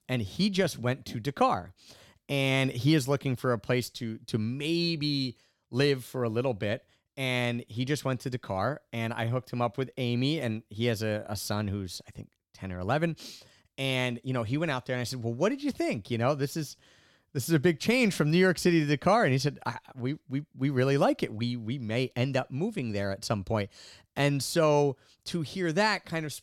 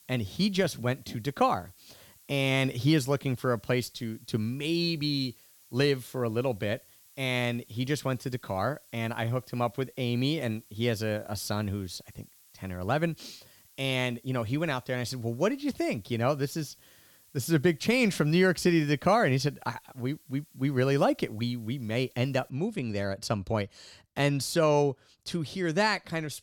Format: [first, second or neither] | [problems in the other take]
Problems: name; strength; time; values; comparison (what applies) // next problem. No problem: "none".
first | hiss; faint; until 23 s; 25 dB below the speech